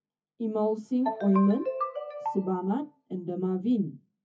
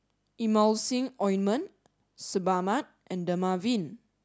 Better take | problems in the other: second | noise reduction (classical method WPE with log-MMSE)

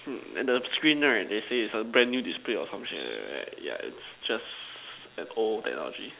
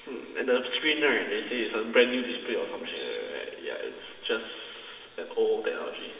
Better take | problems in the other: first | room echo; dies away in 2 s

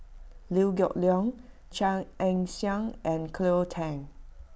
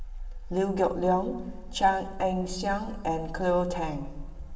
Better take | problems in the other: first | room echo; dies away in 2.1 s

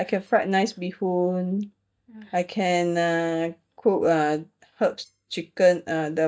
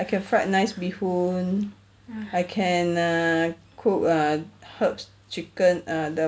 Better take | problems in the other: second | noise reduction (neural mask model DeepFilterNet 3)

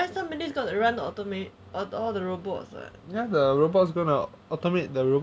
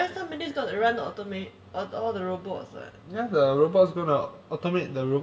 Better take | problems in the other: first | room echo; dies away in 0.7 s

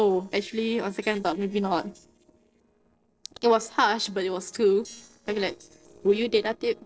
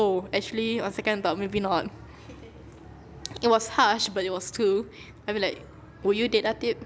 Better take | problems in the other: second | noise reduction (neural separator model SepFormer DNS4)

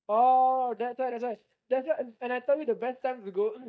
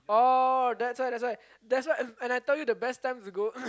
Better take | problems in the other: second | noise reduction (neural mask model DeepFilterNet 3)

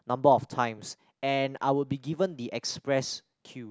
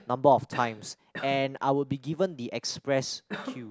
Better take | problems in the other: first | background sound (Cough); 16 dB below the speech

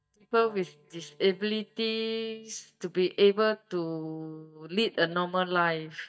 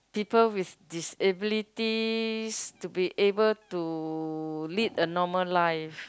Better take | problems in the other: second | noise reduction (neural mask model DeepFilterNet 3)

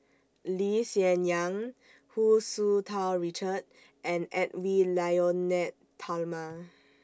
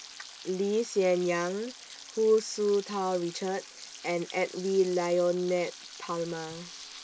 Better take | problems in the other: first | background sound (Frying (food)); 17 dB below the speech

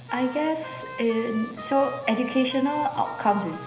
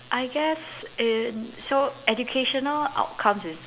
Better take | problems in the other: second | background sound (Trumpet); 14 dB below the speech // room echo; dies away in 0.9 s

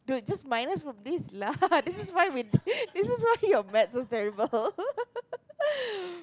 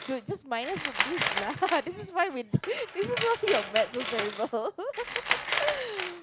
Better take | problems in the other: first | background sound (Tools); 3 dB below the speech

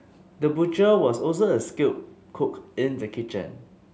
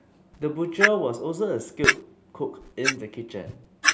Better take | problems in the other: first | background sound (Clock); 1 dB above the speech

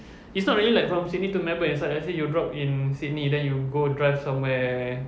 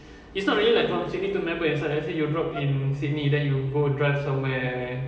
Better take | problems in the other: first | background sound (Wind instrument, woodwind instrument); 17 dB below the speech // room echo; dies away in 2.7 s

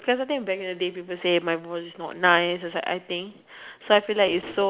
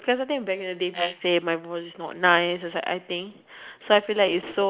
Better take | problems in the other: first | noise reduction (neural mask model Resemble Enhance denoiser)

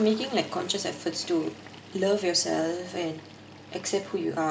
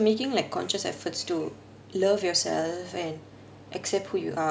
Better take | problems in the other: second | background sound (Toilet flush); 20 dB below the speech // room echo; dies away in 0.6 s

